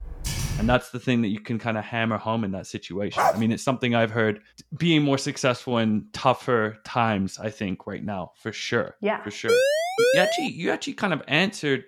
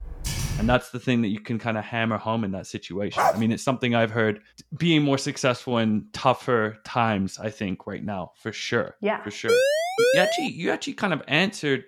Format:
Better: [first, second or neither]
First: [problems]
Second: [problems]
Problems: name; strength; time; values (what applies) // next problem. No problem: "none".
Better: neither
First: keyboard typing; noticeable; at the start; peak 3 dB below the speech // dog barking; loud; at 3 s; peak 2 dB above the speech // siren; loud; at 9.5 s; peak 5 dB above the speech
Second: keyboard typing; noticeable; at the start; peak 3 dB below the speech // dog barking; loud; at 3 s; peak 2 dB above the speech // siren; loud; at 9.5 s; peak 5 dB above the speech